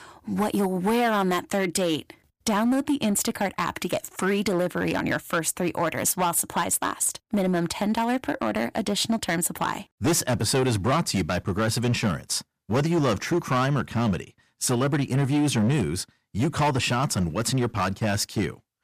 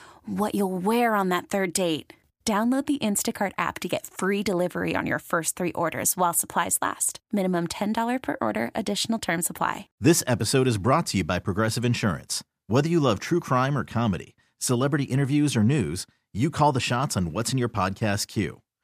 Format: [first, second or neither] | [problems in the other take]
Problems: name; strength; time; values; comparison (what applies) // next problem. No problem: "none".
second | distortion; slight; 10% of the sound clipped